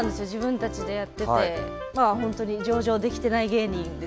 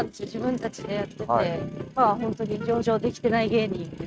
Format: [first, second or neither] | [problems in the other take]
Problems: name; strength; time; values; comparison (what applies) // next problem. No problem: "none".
first | noise reduction (neural mask model RNNoise)